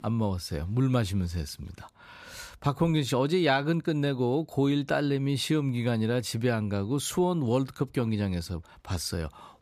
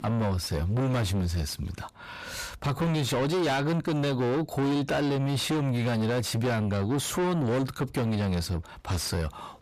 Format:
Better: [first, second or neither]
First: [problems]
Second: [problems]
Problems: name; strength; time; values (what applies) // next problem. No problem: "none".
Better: first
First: none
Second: distortion; heavy; 6 dB below the speech